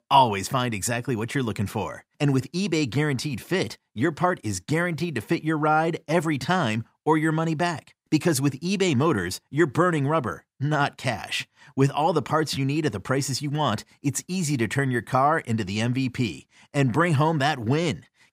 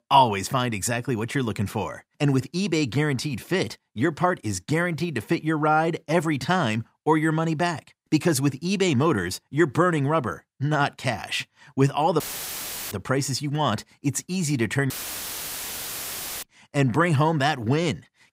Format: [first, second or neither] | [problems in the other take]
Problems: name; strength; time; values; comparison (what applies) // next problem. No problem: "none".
first | audio cutting out; filled with static; at 12 s for 0.5 s and at 15 s for 1.5 s